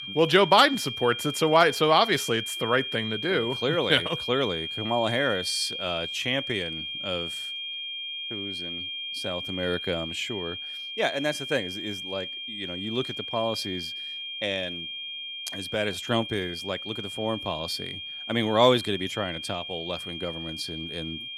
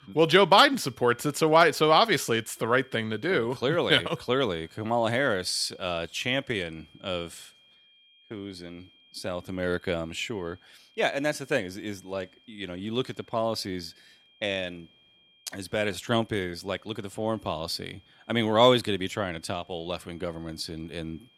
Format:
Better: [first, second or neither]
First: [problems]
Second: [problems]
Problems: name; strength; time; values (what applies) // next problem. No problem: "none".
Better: second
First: high-pitched whine; loud; throughout; 3 kHz, 6 dB below the speech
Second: high-pitched whine; faint; throughout; 3 kHz, 30 dB below the speech